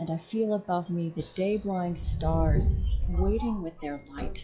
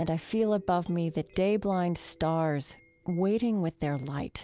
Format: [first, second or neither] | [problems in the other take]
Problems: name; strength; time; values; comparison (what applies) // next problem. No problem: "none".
second | noise reduction (classical method log-MMSE)